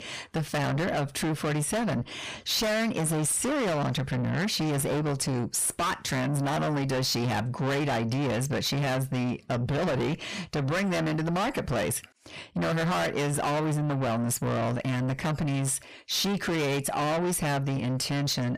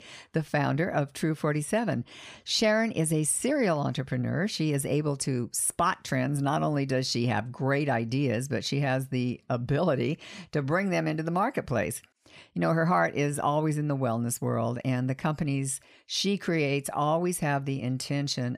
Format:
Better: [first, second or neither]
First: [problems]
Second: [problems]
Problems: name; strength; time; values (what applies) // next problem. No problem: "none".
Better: second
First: distortion; heavy; 5 dB below the speech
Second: none